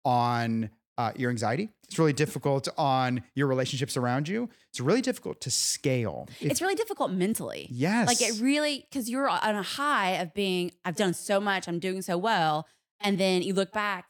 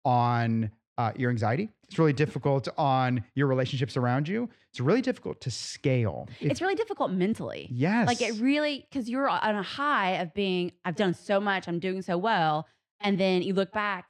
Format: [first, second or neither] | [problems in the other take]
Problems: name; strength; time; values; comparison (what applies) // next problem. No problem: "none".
first | muffled; slightly; fading above 3.5 kHz